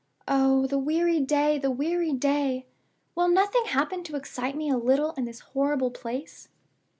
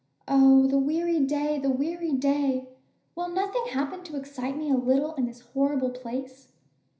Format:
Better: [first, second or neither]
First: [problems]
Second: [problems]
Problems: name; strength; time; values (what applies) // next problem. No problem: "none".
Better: first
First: none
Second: room echo; dies away in 0.5 s